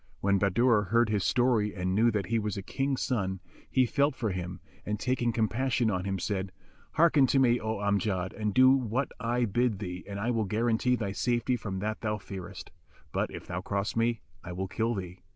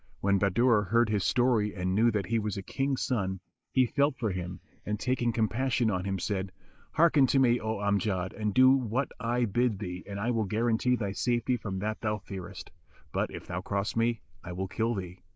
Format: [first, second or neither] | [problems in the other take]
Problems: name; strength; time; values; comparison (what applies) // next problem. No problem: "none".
first | noise reduction (neural mask model Resemble Enhance denoiser)